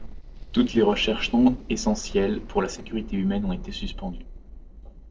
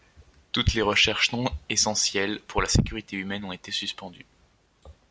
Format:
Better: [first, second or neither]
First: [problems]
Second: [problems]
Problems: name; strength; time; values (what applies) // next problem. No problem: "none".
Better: second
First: noise reduction (neural separator model SepFormer DNS4)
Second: none